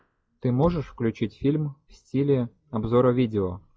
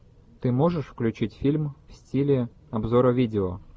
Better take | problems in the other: second | noise reduction (classical method log-MMSE)

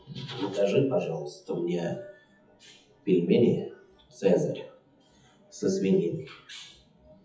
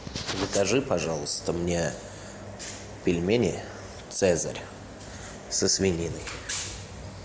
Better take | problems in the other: second | noise reduction (classical method WPE with log-MMSE)

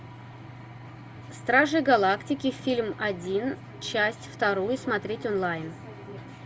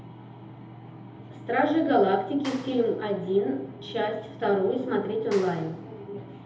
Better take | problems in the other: first | background sound (Clapping); 19 dB below the speech // room echo; dies away in 0.7 s

